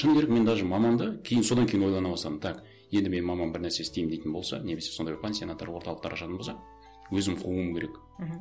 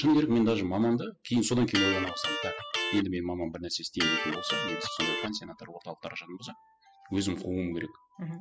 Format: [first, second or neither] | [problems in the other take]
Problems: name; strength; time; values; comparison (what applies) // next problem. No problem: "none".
first | noise reduction (classical method spectral subtraction)